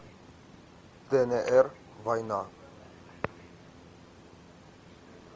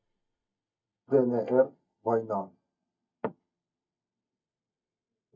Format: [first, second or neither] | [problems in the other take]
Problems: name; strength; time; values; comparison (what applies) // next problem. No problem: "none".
first | noise reduction (neural mask model DeepFilterNet 3)